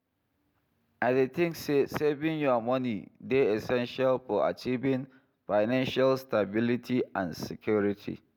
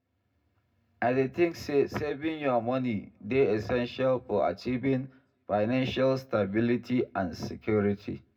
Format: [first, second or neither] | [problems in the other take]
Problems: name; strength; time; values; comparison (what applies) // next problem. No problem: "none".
first | room echo; dies away in 0.2 s